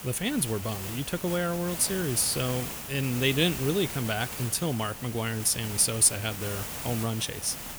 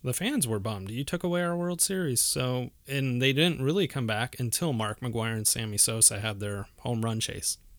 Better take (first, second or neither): second